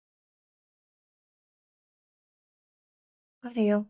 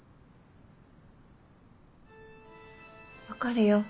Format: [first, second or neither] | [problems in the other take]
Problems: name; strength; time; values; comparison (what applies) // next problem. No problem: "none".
second | noise reduction (neural mask model DeepFilterNet 3)